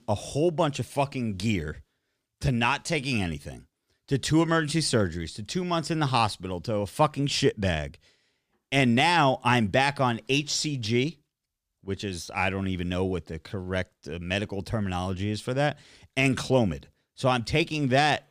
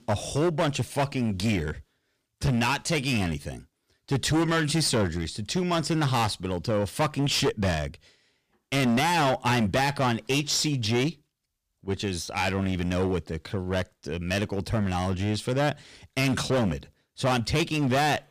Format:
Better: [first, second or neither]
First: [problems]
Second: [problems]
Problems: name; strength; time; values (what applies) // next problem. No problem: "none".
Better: first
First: none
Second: distortion; heavy; 13% of the sound clipped